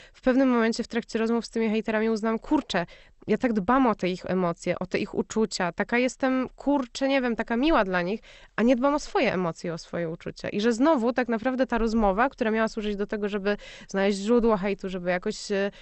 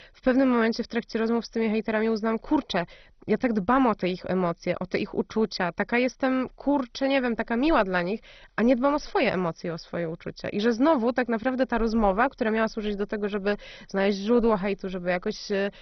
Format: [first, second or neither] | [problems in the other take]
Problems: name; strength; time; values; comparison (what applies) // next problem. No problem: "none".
first | garbled, watery; badly; nothing above 6 kHz; slightly in the first